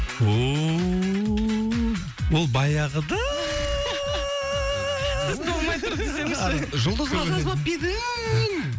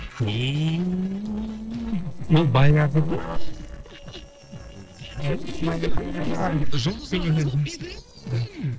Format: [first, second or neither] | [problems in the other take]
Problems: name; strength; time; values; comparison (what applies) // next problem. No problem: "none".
first | noise reduction (neural separator model SepFormer DNS4)